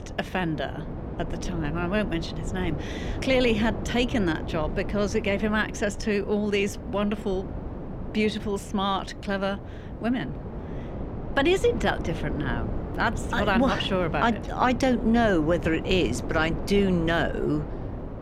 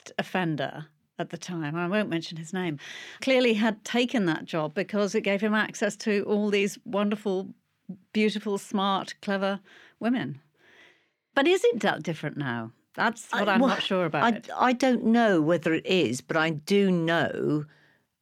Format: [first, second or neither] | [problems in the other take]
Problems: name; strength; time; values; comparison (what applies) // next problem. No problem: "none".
second | wind noise on the microphone; occasional gusts; 10 dB below the speech